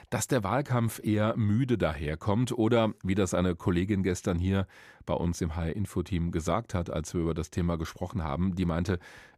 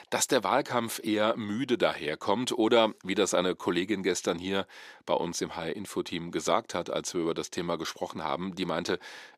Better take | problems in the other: first | thin; somewhat; fading below 350 Hz

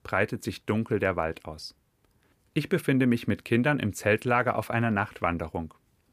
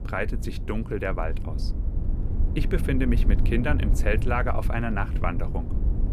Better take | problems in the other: first | low rumble; noticeable; throughout; 10 dB below the speech

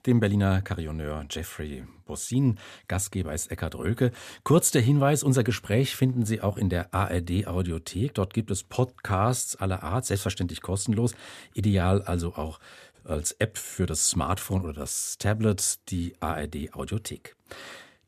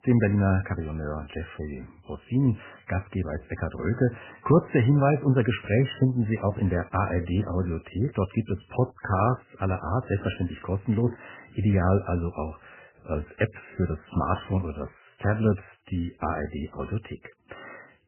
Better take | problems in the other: first | garbled, watery; badly; nothing above 3 kHz

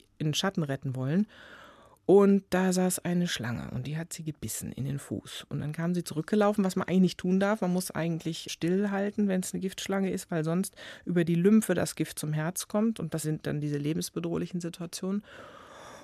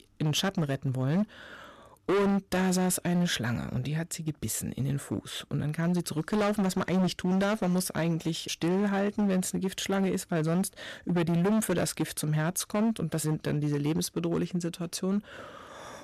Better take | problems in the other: first | distortion; heavy; 13% of the sound clipped

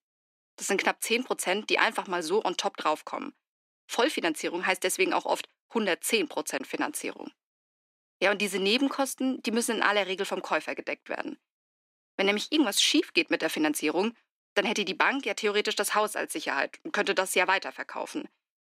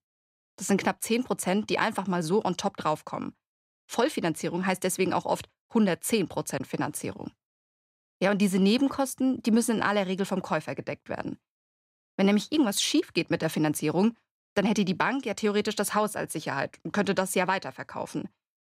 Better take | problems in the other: second | thin; very slightly; fading below 300 Hz

